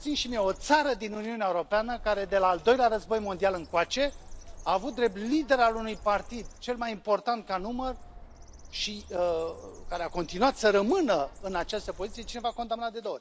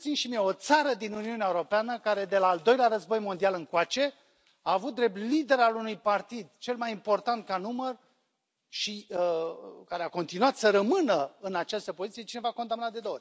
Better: second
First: background sound (Bird); 16 dB below the speech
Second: none

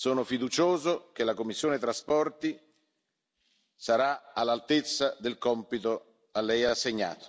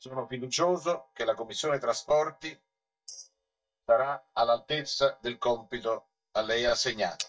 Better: first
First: none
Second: noise reduction (neural mask model DeepFilterNet 3)

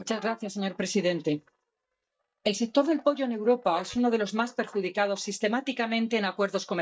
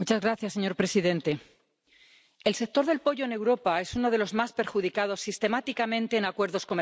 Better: second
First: noise reduction (neural mask model DeepFilterNet 3)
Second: none

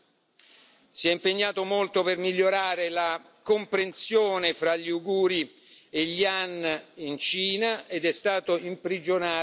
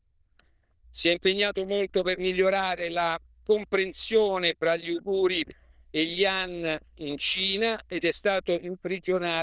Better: first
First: none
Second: noise reduction (neural diffusion model UNIVERSE++)

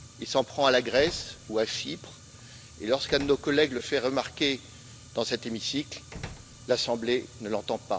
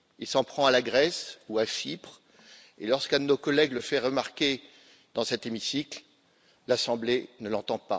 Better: second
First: background sound (Fire + Slam); 17 dB below the speech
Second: none

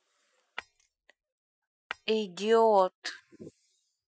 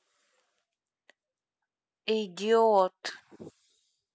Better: second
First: noise reduction (classical method Wiener filter)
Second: none

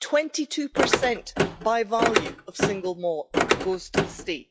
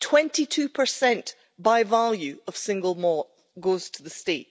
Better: second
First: noise reduction (classical method log-MMSE)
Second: none

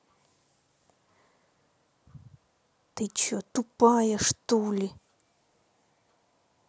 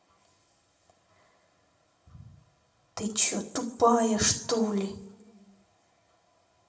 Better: first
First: none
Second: room echo; dies away in 0.9 s

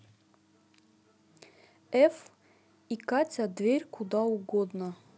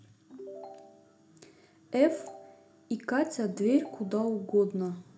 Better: first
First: none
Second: background sound (Ringtone / Chime); 17 dB below the speech // room echo; dies away in 0.4 s

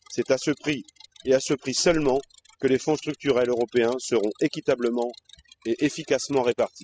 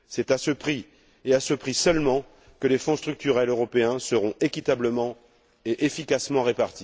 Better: second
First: noise reduction (classical method spectral subtraction)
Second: none

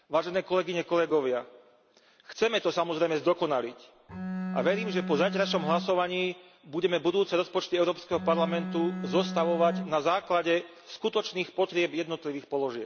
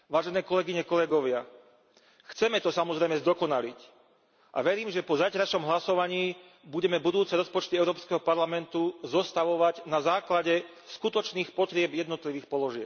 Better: second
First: background sound (Bowed string instrument); 7 dB below the speech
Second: none

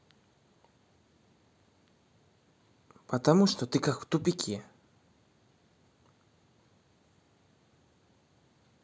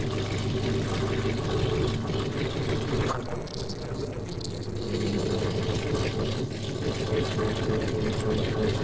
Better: first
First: none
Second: noise reduction (neural separator model SepFormer DNS4)

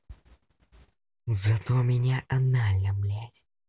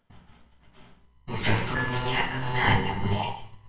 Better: first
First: none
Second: noise reduction (neural separator model SepFormer WHAMR!)

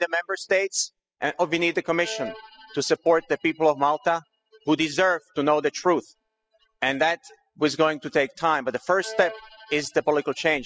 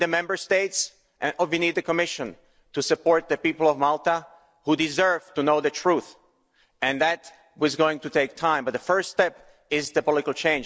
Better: second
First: noise reduction (classical method spectral subtraction)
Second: none

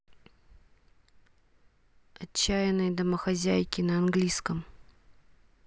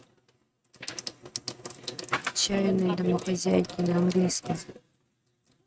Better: first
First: none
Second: noise reduction (neural mask model RNNoise)

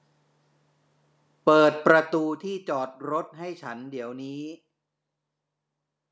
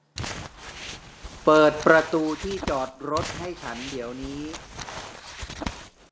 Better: first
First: none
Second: background sound (Crumpling, crinkling); 11 dB below the speech

